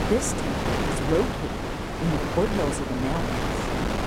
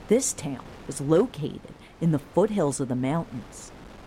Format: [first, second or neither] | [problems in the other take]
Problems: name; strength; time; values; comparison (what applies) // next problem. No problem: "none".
second | wind noise on the microphone; heavy; 2 dB above the speech; occasional gusts in the second